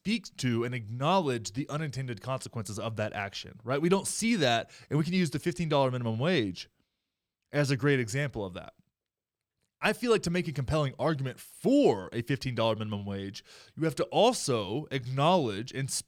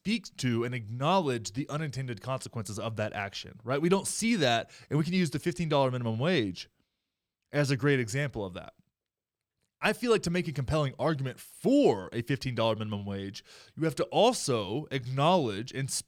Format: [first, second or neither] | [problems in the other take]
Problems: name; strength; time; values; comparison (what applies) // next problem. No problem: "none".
neither | none